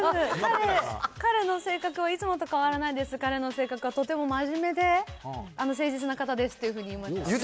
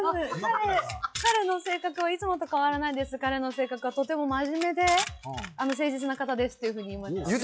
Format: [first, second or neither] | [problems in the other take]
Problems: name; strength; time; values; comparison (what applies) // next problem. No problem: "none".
first | noise reduction (classical method log-MMSE)